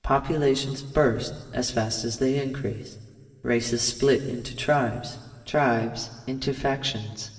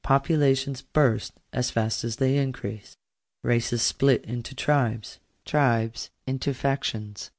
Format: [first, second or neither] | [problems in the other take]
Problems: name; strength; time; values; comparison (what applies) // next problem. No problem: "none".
second | room echo; dies away in 2.9 s